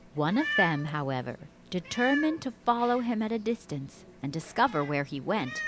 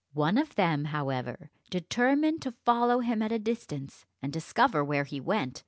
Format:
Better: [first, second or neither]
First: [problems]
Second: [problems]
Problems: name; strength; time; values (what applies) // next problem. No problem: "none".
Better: second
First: background sound (Meow); 9 dB below the speech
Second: none